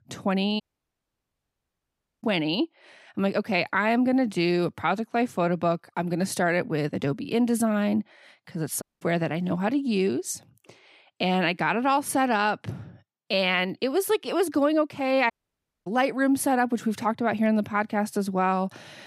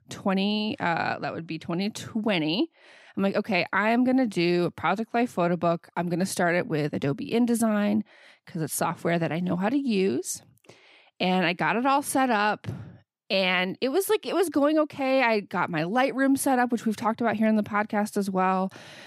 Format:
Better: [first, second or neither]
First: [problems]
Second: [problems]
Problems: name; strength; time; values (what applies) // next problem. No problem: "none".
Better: second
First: audio cutting out; at 0.5 s for 1.5 s, at 9 s and at 15 s for 0.5 s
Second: none